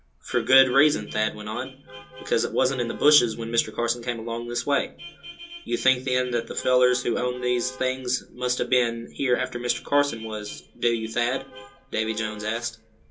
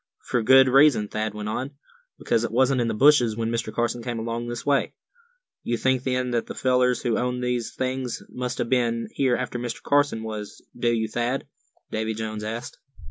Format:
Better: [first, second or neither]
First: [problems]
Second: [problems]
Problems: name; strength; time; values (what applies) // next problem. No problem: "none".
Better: second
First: background sound (Vehicle horn, car horn, honking); 19 dB below the speech // room echo; dies away in 0.2 s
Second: none